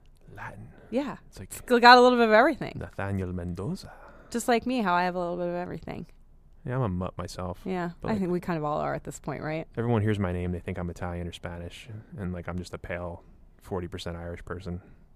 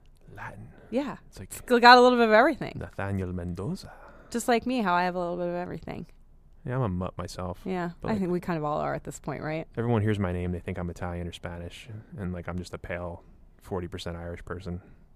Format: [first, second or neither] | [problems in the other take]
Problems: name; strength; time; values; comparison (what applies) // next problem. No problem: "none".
neither | none